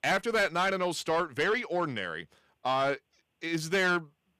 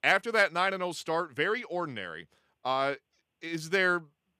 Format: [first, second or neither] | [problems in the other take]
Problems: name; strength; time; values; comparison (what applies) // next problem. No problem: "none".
second | distortion; heavy; 7 dB below the speech